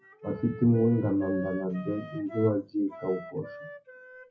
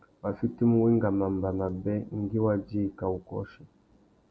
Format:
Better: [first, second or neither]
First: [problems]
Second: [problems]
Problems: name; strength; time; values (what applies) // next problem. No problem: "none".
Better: second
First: noise reduction (classical method WPE with log-MMSE)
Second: none